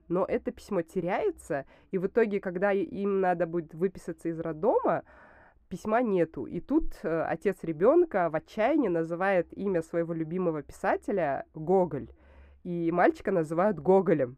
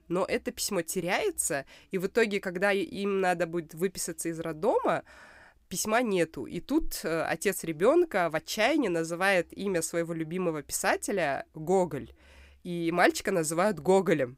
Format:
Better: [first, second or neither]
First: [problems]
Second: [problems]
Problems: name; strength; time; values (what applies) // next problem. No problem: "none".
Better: second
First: muffled; very; fading above 2.5 kHz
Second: none